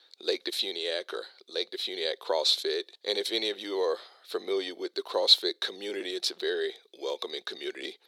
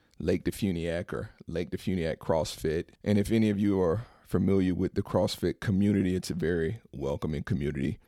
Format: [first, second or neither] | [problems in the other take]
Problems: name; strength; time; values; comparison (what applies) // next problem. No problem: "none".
second | thin; very; fading below 400 Hz